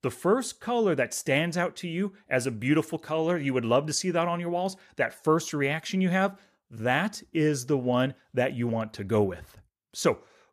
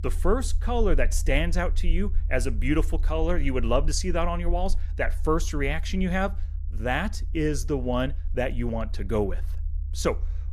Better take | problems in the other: first | low rumble; faint; throughout; 25 dB below the speech

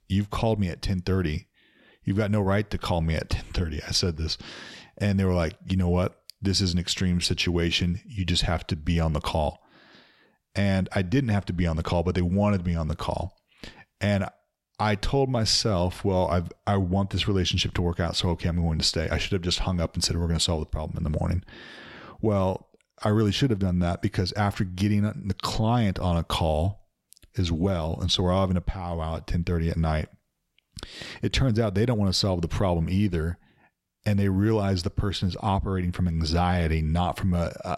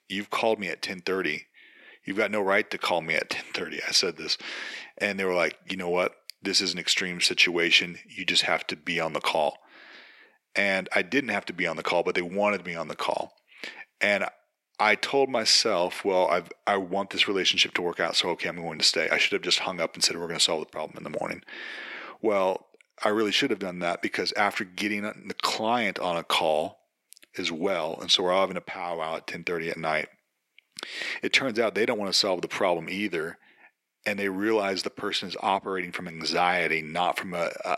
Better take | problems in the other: first | thin; very; fading below 300 Hz

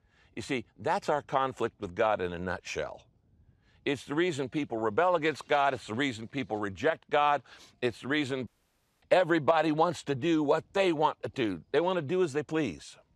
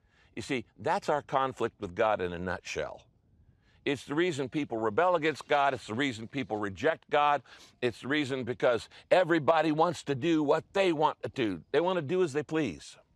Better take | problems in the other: second | audio cutting out; at 8.5 s for 0.5 s

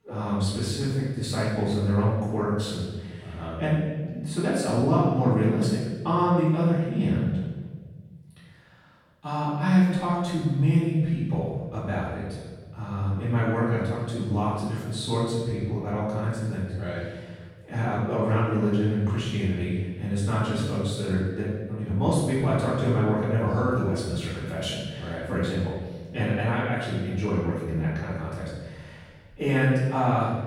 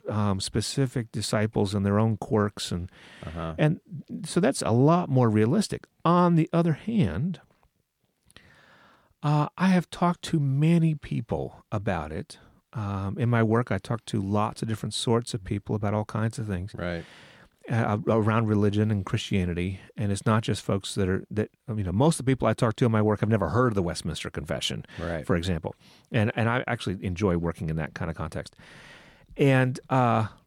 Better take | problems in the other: second | off-mic speech; far // room echo; strong; dies away in 1.3 s

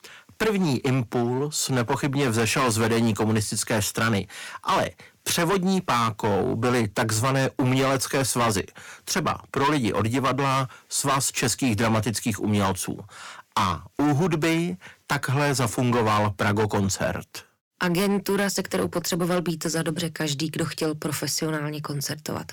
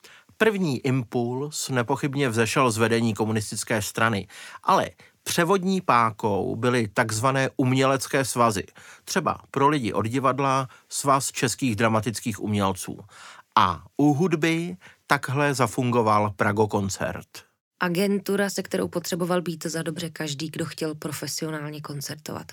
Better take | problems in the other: second | distortion; heavy; 14% of the sound clipped

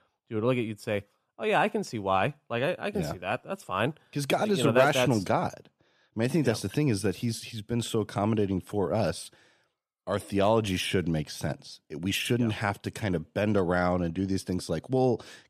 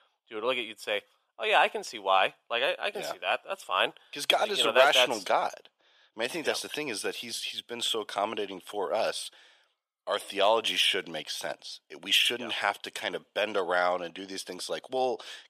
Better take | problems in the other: first | thin; very; fading below 650 Hz

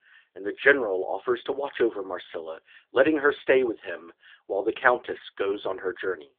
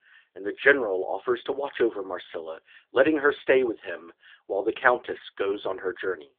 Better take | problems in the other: neither | phone-call audio; nothing above 3.5 kHz; the same in both

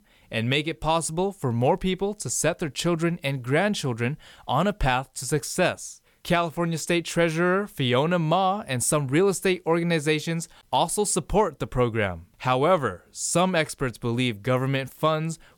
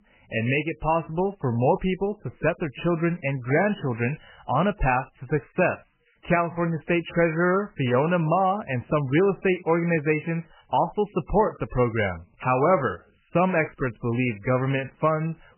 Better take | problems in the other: first | garbled, watery; badly; nothing above 3 kHz

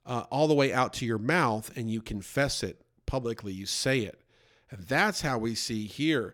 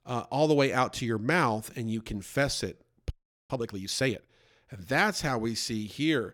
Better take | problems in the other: first | audio freezing; at 3 s

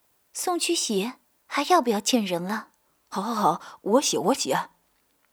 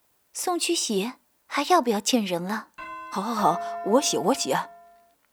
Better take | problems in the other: first | doorbell; noticeable; from 3 to 5 s; peak 6 dB below the speech

